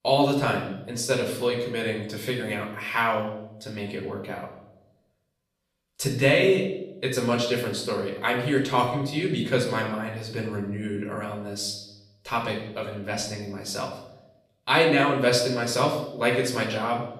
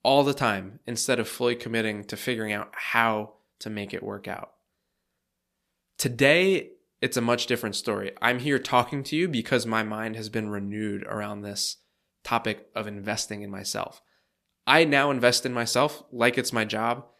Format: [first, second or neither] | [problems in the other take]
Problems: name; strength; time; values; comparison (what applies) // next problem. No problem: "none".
second | off-mic speech; far // room echo; noticeable; dies away in 0.8 s